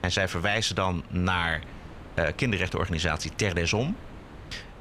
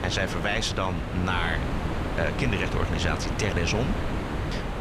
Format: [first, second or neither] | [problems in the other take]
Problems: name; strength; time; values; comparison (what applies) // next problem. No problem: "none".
first | wind noise on the microphone; heavy; 5 dB below the speech; occasional gusts in the first